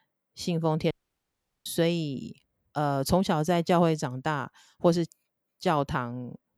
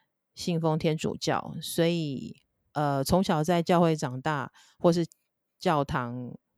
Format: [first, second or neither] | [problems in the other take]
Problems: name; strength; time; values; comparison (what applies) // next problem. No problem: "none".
second | audio cutting out; at 1 s for 0.5 s